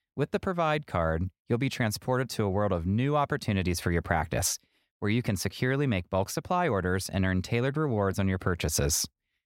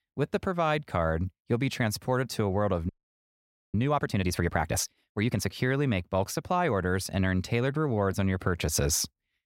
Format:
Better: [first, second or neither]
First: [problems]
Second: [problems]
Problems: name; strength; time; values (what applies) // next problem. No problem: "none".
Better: first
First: none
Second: audio freezing; at 3 s for 1 s